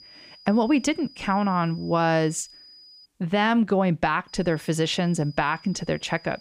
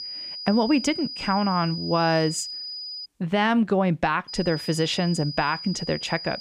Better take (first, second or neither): first